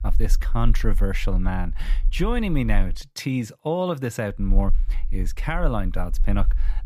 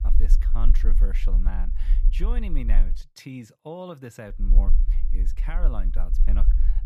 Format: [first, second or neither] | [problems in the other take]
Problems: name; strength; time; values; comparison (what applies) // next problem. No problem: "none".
first | low rumble; loud; until 3 s and from 4.5 s on; 9 dB below the speech; faint in the first